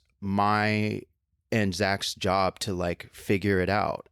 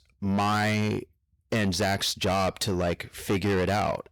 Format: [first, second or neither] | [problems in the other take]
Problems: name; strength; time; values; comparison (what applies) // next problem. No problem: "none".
first | distortion; heavy; 7 dB below the speech